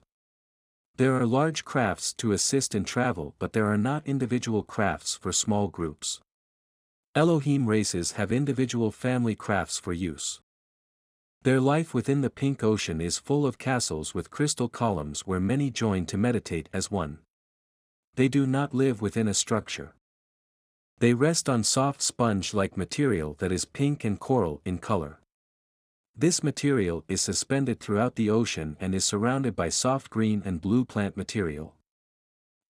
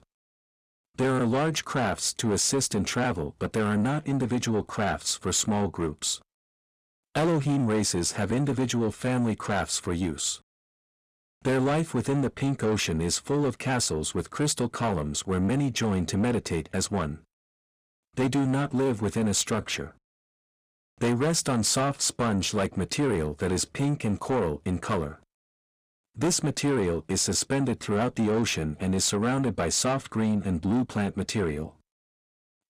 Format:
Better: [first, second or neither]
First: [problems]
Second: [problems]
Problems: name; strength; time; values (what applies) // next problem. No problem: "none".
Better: first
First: none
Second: distortion; heavy; 7 dB below the speech